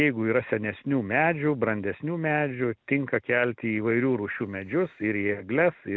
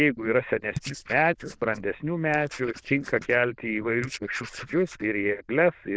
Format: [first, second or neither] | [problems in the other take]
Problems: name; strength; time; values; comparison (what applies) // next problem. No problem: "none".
first | noise reduction (neural diffusion model UNIVERSE++)